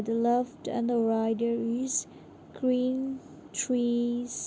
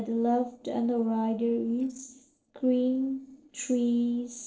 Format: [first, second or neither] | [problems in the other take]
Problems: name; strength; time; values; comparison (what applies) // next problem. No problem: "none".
first | noise reduction (neural separator model SepFormer DNS4)